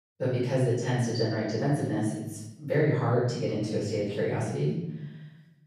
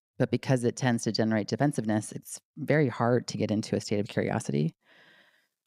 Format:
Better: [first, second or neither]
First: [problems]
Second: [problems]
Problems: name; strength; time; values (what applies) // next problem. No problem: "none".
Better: second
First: room echo; strong; dies away in 0.9 s // off-mic speech; far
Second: none